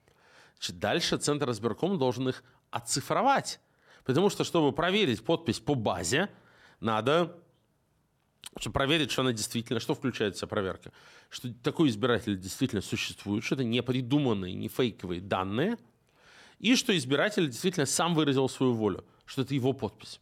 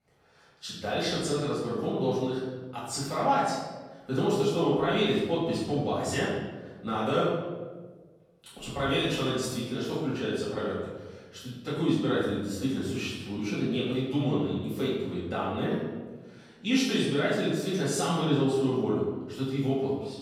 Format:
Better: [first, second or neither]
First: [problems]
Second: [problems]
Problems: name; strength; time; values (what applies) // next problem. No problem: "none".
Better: first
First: none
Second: off-mic speech; far // room echo; noticeable; dies away in 1.2 s